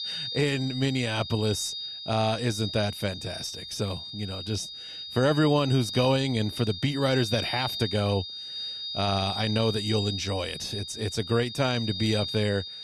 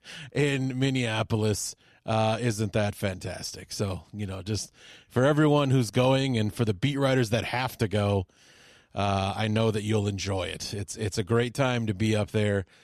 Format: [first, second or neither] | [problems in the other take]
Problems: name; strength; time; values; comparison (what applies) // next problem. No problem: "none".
second | high-pitched whine; loud; throughout; 3.5 kHz, 6 dB below the speech